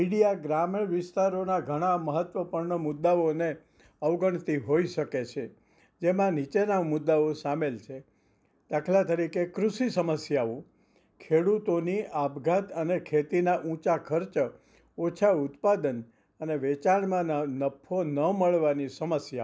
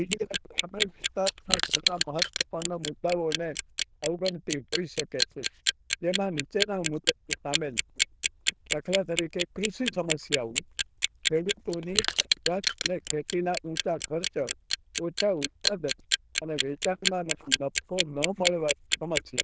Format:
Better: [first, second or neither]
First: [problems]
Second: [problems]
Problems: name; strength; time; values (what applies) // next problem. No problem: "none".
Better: first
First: none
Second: noise reduction (neural diffusion model UNIVERSE++)